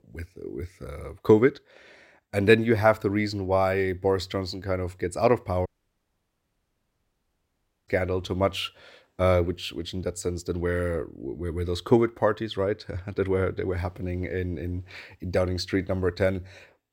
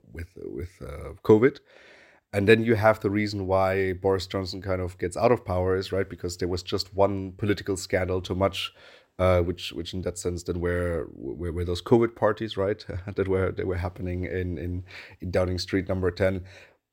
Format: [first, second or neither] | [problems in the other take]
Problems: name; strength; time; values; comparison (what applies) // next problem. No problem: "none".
second | audio cutting out; at 5.5 s for 2 s